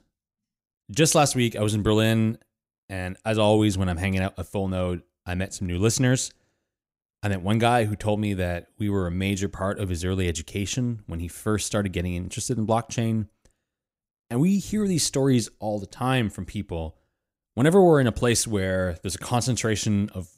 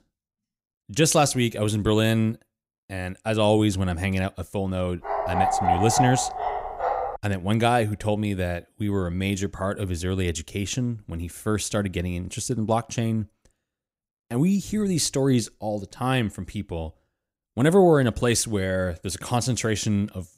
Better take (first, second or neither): first